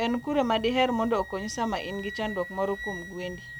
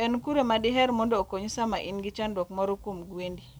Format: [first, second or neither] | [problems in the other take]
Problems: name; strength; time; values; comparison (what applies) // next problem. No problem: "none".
second | background sound (Wind instrument, woodwind instrument); 14 dB below the speech